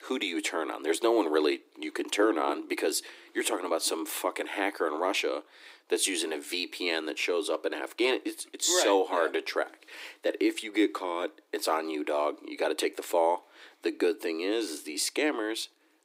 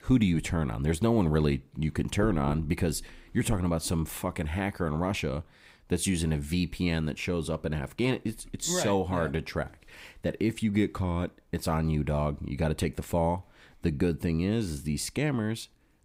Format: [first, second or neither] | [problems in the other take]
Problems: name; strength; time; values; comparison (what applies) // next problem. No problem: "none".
second | thin; very; fading below 300 Hz